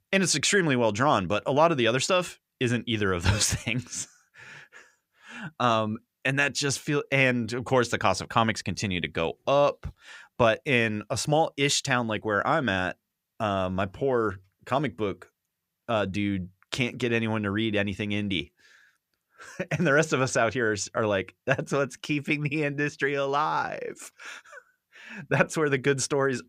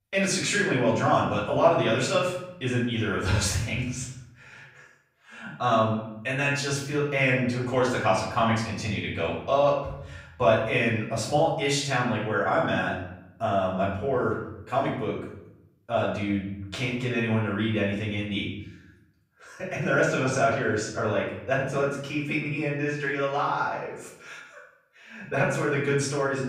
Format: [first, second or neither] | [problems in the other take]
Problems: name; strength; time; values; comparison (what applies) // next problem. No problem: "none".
first | off-mic speech; far // room echo; noticeable; dies away in 0.8 s